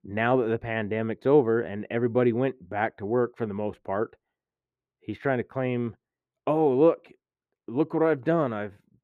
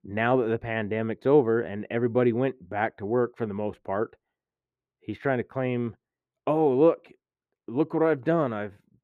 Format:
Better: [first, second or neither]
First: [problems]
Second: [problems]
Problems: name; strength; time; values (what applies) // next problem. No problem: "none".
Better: neither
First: muffled; very; fading above 3 kHz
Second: muffled; very; fading above 3 kHz